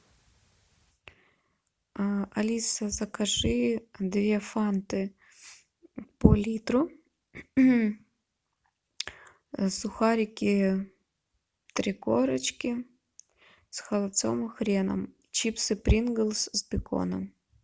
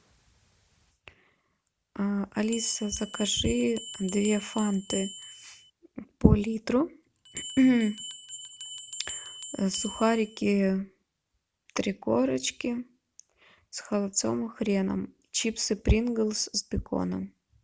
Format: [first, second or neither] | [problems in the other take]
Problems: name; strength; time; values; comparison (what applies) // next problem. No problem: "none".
first | background sound (Bell); 11 dB below the speech